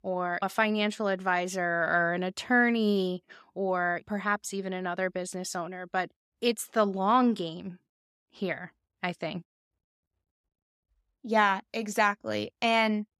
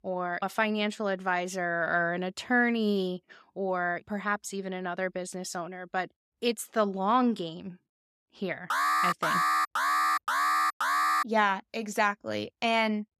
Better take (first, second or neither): first